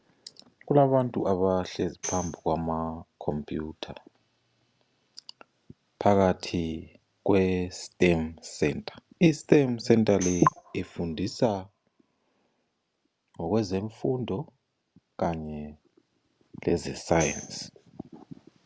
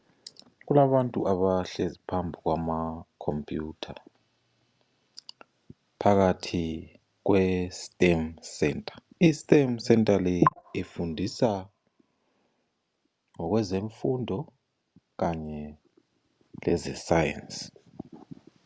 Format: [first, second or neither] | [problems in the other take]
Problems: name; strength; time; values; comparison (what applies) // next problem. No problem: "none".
second | background sound (Tambourine); 14 dB below the speech